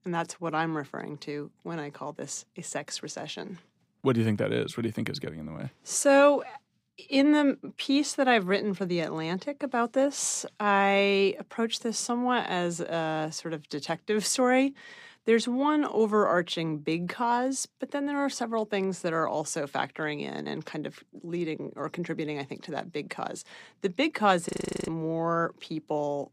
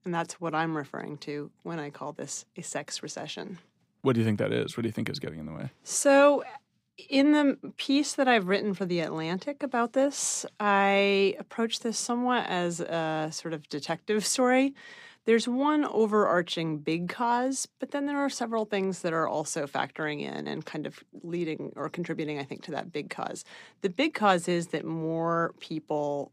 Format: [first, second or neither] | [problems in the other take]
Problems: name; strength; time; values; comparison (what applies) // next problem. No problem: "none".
second | audio freezing; at 24 s